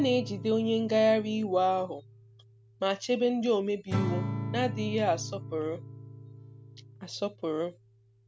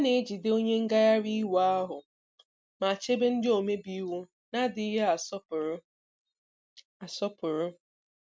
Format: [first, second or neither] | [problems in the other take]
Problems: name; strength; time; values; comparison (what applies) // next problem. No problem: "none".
second | background sound (Acoustic guitar / Strum); 9 dB below the speech